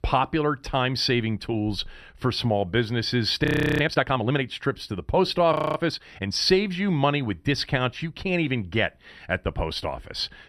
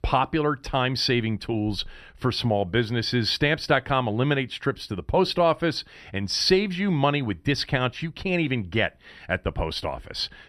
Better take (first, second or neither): second